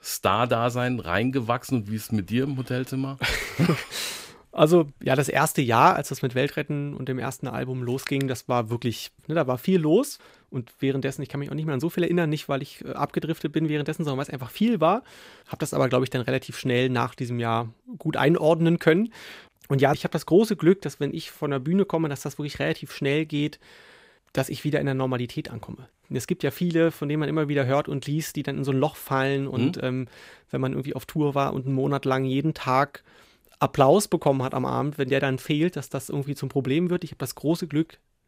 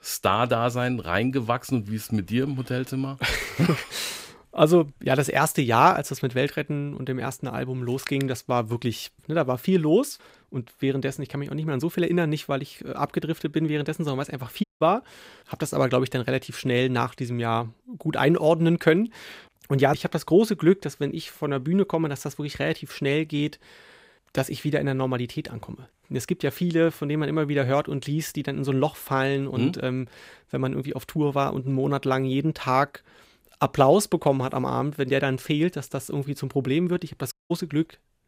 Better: first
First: none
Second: audio cutting out; at 15 s and at 37 s

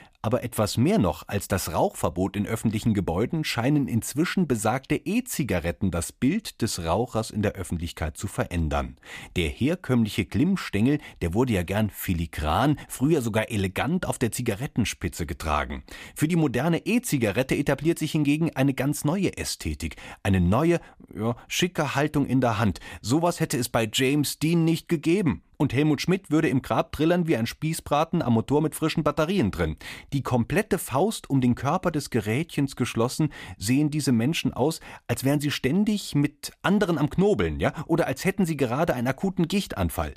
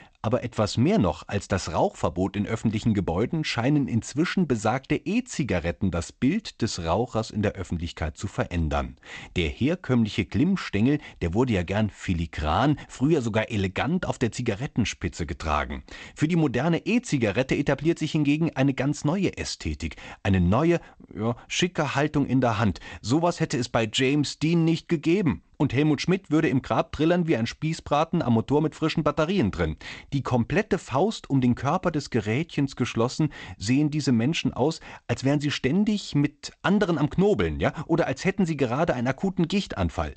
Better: first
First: none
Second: garbled, watery; slightly; nothing above 8 kHz

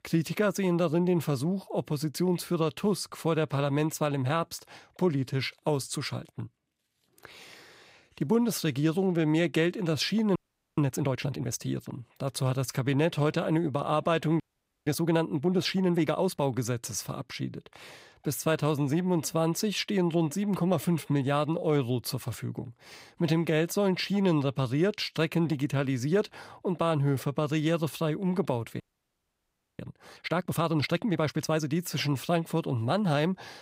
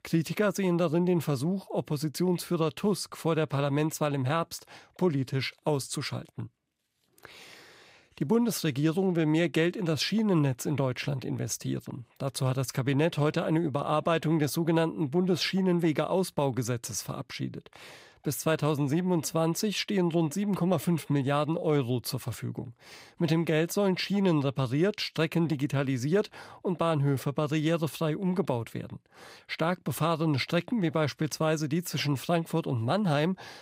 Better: second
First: audio freezing; at 10 s, at 14 s and at 29 s for 1 s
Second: none

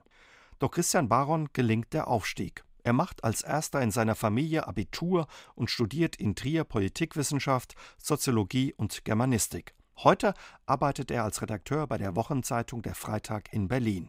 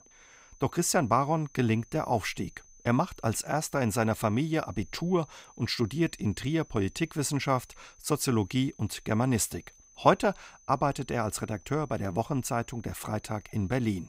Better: first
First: none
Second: high-pitched whine; faint; throughout; 6 kHz, 25 dB below the speech

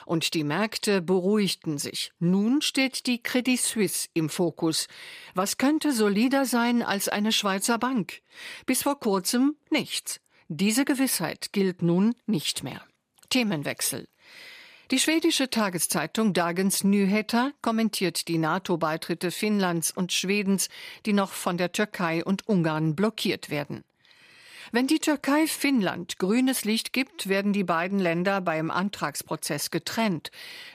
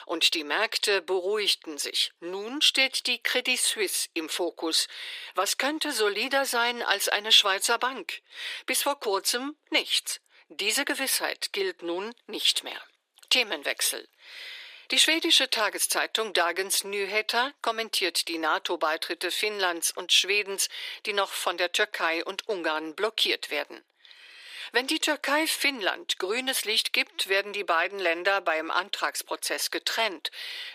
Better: first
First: none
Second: thin; very; fading below 350 Hz

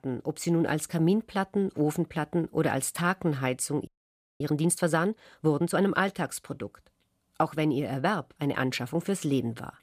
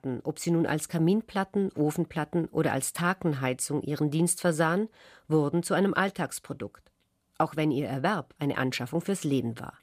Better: second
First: audio freezing; at 4 s for 0.5 s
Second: none

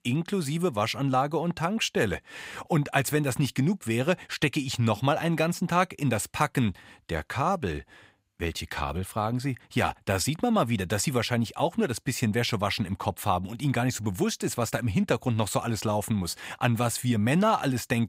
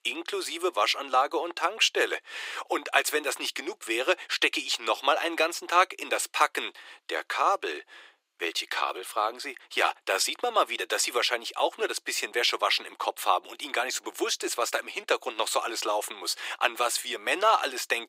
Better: first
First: none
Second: thin; very; fading below 350 Hz

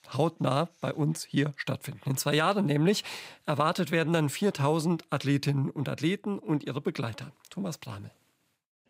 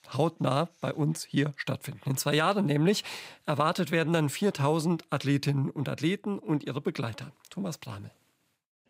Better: neither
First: none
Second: none

